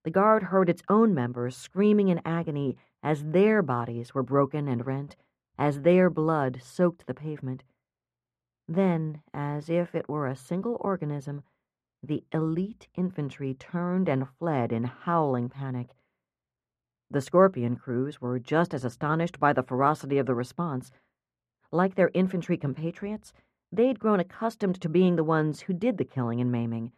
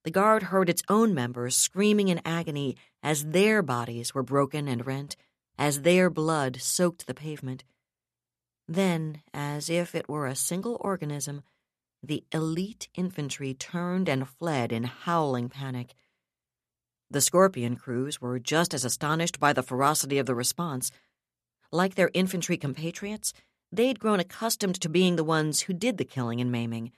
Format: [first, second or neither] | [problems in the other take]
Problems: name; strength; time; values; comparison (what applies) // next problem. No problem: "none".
second | muffled; very; fading above 3 kHz